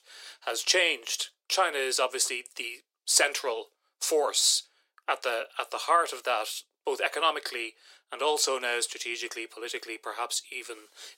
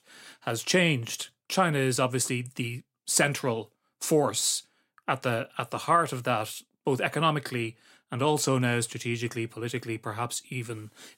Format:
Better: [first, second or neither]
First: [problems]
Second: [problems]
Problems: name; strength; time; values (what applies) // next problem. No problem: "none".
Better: second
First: thin; very; fading below 400 Hz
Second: none